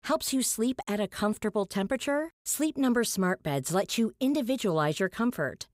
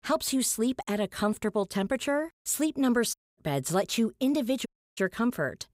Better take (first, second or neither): first